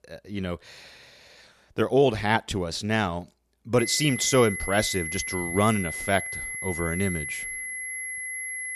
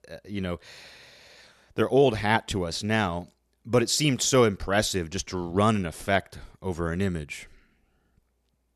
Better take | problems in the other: second | high-pitched whine; loud; from 4 s on; 2 kHz, 6 dB below the speech

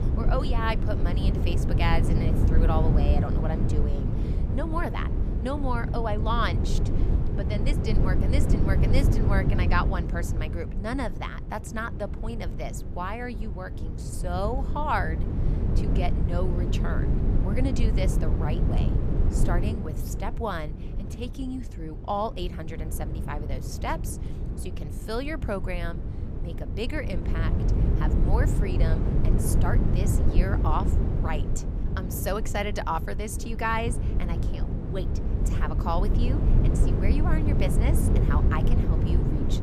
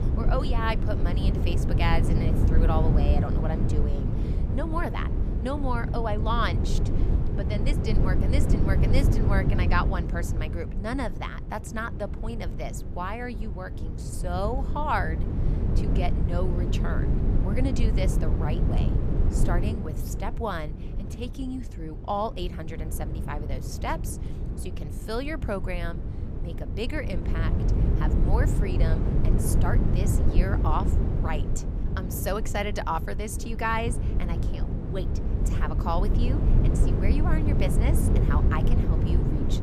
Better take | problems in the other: neither | wind noise on the microphone; heavy; 5 dB below the speech; the same in both

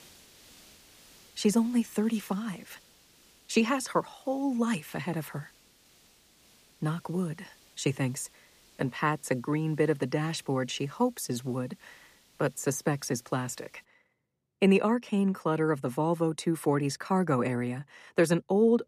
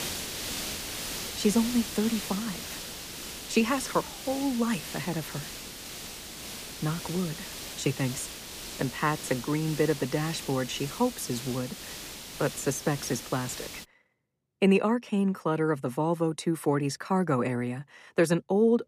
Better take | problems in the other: first | hiss; loud; until 14 s; 8 dB below the speech; faint in the first

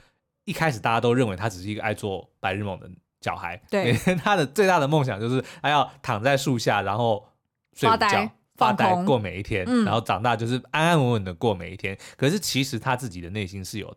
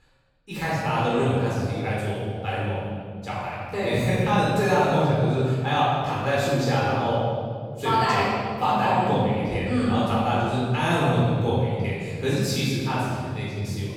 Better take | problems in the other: first | off-mic speech; far // room echo; strong; dies away in 2.2 s

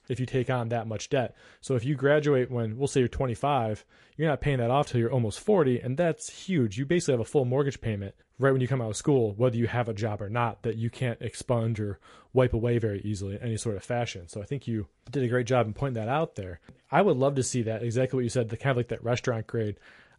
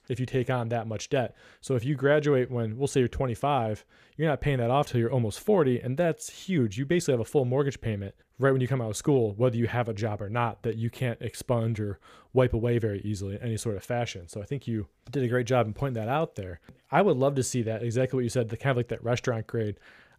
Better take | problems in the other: second | garbled, watery; slightly

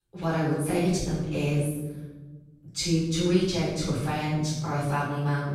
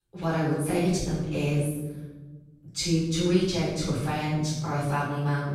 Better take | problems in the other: neither | off-mic speech; far; the same in both // room echo; strong; dies away in 1.2 s; the same in both

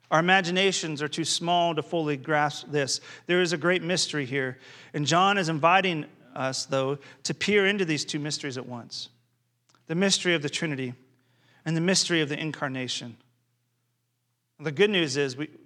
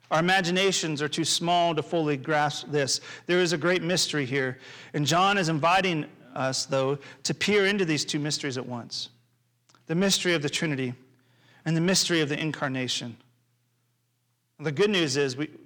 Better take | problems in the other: first | distortion; slight; 10 dB below the speech

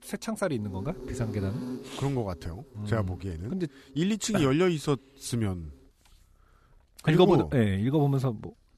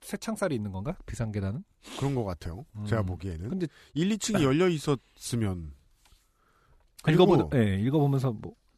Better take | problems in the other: second | animal sounds; noticeable; throughout; 15 dB below the speech

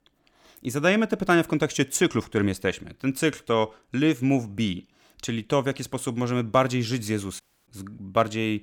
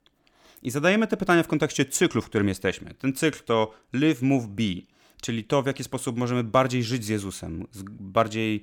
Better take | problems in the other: second | audio cutting out; at 7.5 s

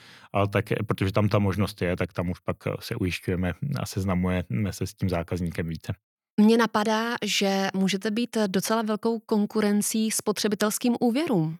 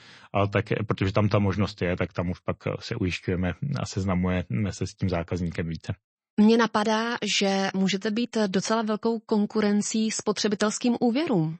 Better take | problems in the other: first | garbled, watery; slightly; nothing above 8 kHz

